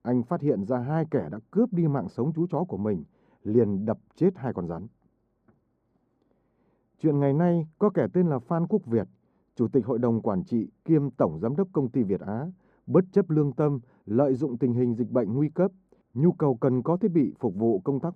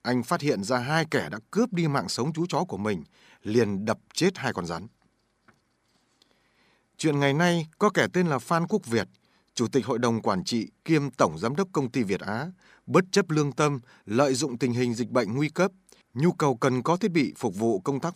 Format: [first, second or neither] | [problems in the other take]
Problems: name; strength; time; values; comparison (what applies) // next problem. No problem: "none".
second | muffled; very; fading above 1.5 kHz